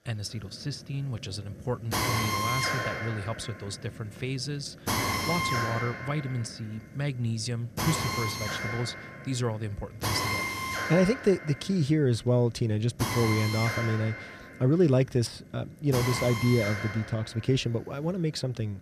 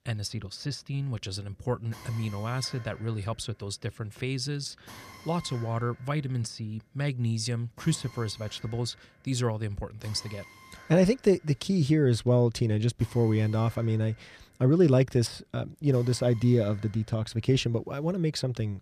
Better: second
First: machinery noise; loud; throughout; 2 dB below the speech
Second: machinery noise; faint; throughout; 20 dB below the speech

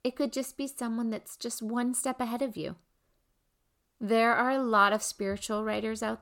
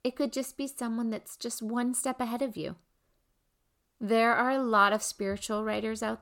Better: neither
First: none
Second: none

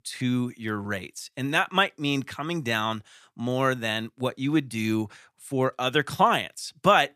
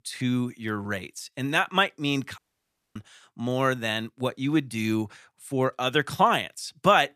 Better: first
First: none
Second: audio cutting out; at 2.5 s for 0.5 s

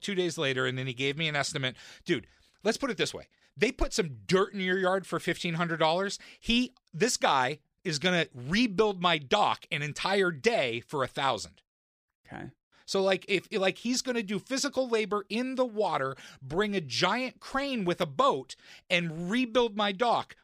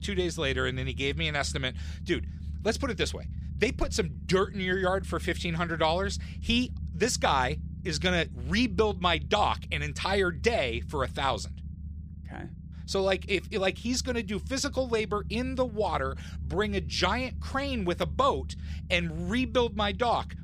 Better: first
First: none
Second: low rumble; faint; throughout; 25 dB below the speech

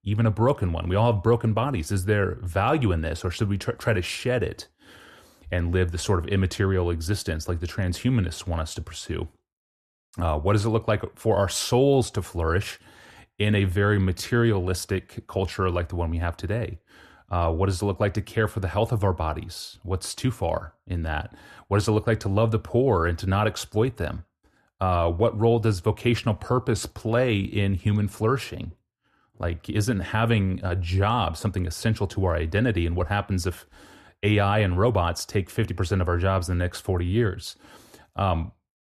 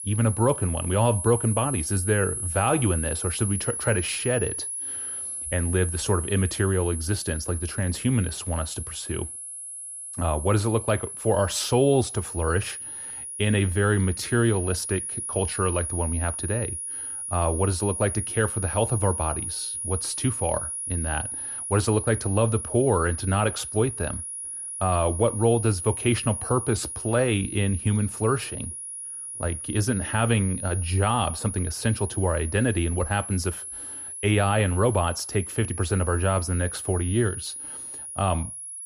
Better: first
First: none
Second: high-pitched whine; loud; throughout; 10.5 kHz, 6 dB below the speech

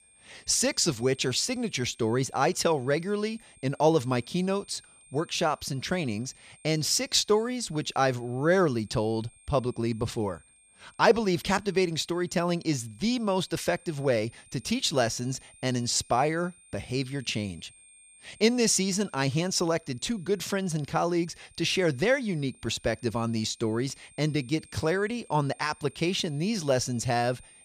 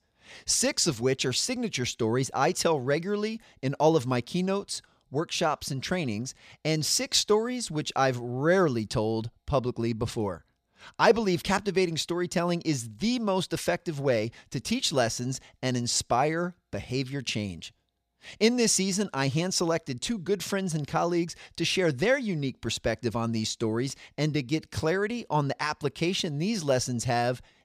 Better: second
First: high-pitched whine; faint; throughout; 9 kHz, 25 dB below the speech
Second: none

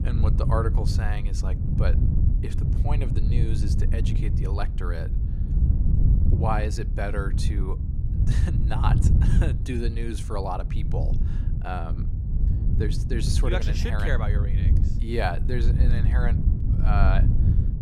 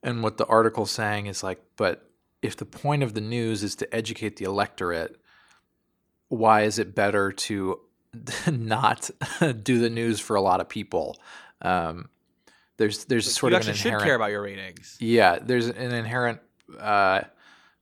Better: second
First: wind noise on the microphone; heavy; 6 dB below the speech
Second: none

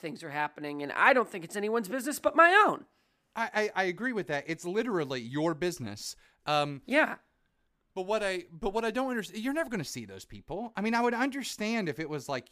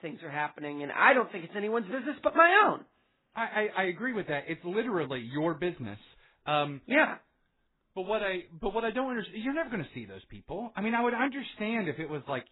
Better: first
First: none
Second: garbled, watery; badly; nothing above 4 kHz

